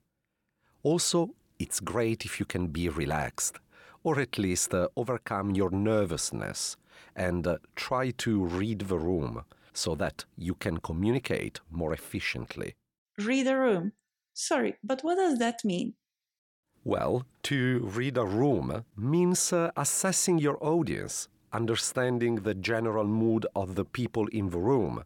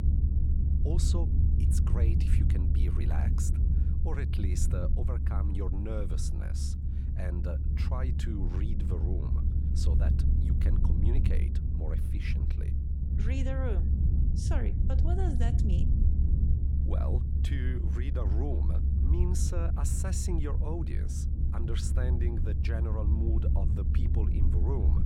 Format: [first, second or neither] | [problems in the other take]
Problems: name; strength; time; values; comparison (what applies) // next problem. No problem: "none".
first | low rumble; loud; throughout; 2 dB below the speech